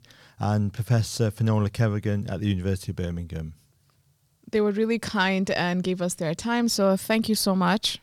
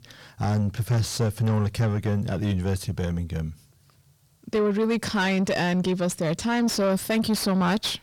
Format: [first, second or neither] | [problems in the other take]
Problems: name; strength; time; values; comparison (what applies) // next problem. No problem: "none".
first | distortion; slight; 9 dB below the speech